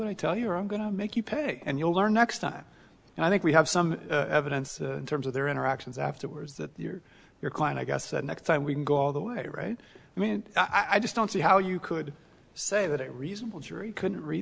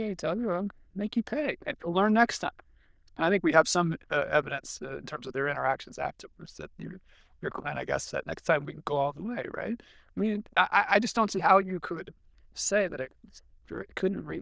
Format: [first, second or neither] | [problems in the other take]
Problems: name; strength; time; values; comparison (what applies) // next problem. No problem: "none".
first | noise reduction (neural diffusion model UNIVERSE++)